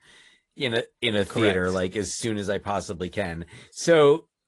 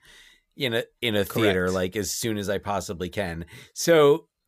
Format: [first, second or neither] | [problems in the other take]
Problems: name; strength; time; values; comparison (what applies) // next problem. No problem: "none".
second | garbled, watery; slightly; nothing above 10.5 kHz